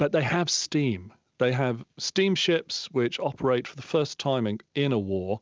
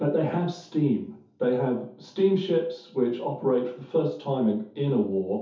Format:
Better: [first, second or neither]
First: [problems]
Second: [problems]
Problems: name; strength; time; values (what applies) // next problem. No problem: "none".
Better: first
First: none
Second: room echo; dies away in 0.5 s